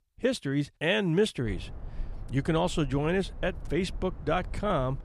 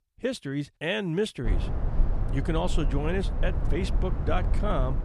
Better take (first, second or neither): first